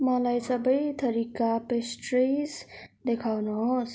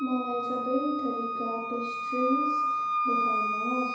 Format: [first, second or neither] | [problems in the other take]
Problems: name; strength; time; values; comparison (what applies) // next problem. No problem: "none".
first | background sound (Wind instrument, woodwind instrument); 2 dB above the speech // room echo; dies away in 1 s